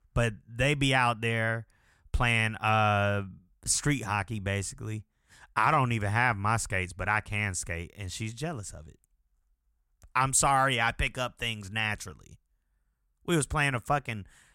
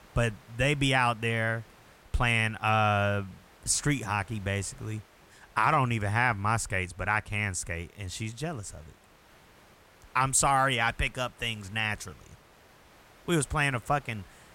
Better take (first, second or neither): first